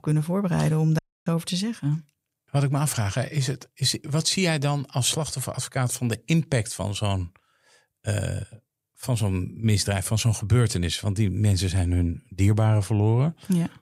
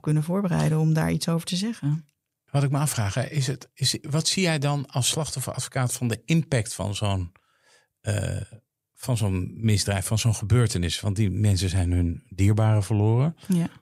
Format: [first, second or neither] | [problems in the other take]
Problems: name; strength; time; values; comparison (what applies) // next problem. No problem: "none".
second | audio cutting out; at 1 s